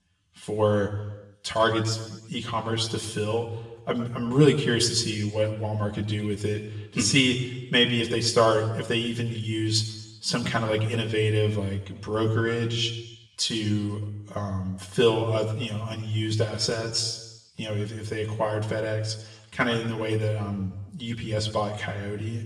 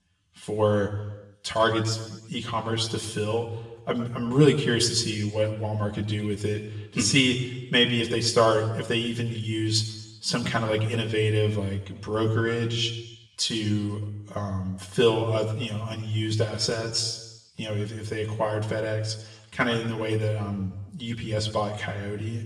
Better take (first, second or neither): neither